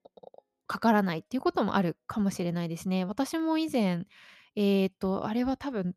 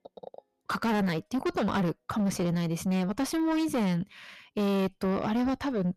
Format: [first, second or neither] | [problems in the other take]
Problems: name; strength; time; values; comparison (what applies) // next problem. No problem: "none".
first | distortion; heavy; 6 dB below the speech